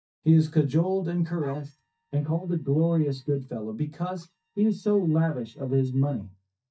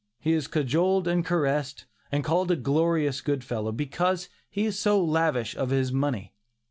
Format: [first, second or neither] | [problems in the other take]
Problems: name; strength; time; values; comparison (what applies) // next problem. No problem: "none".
second | noise reduction (neural mask model DeepFilterNet 3)